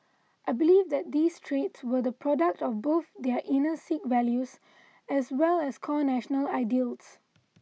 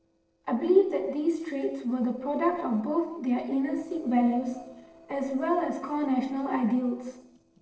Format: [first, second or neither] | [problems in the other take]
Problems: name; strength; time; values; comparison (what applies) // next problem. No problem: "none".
first | noise reduction (neural separator model SepFormer DNS4)